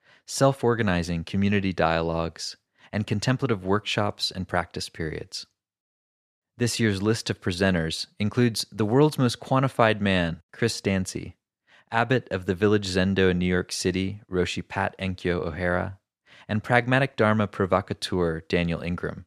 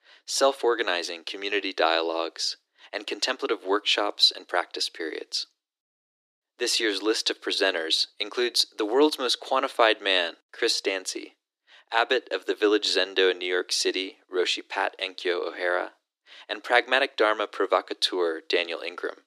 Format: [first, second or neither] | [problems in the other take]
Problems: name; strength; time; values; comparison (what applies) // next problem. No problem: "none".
first | thin; very; fading below 300 Hz